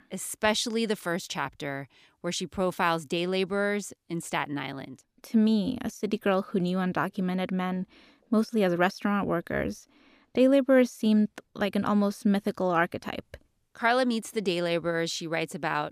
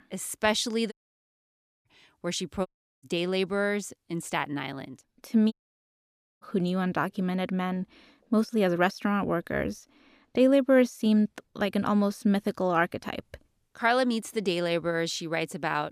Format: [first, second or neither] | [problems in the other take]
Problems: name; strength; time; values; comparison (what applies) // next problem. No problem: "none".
first | audio cutting out; at 1 s for 1 s, at 2.5 s and at 5.5 s for 1 s